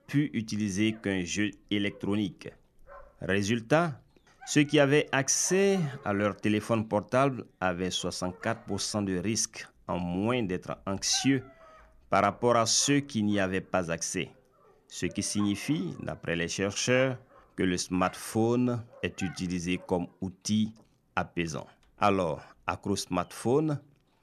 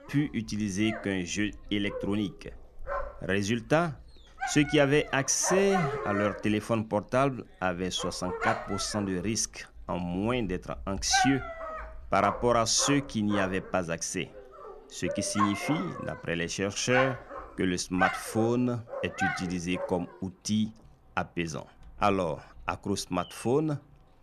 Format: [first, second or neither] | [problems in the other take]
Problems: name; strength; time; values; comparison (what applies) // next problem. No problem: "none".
first | animal sounds; loud; throughout; 6 dB below the speech; faint in the first